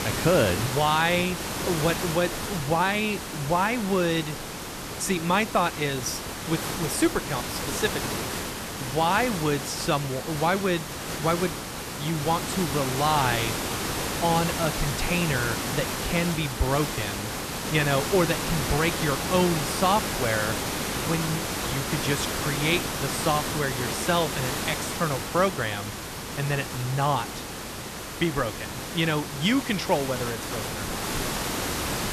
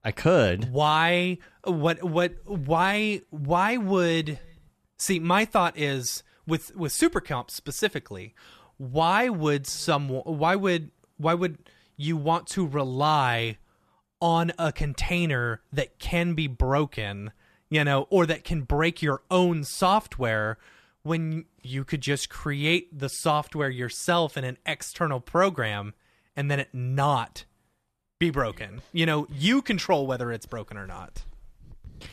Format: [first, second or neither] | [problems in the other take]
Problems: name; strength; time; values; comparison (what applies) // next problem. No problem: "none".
second | hiss; loud; throughout; 3 dB below the speech